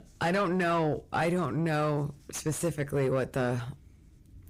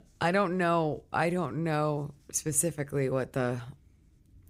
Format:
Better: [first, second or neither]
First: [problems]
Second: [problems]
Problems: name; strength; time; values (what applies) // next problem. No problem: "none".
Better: second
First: distortion; heavy; 7 dB below the speech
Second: none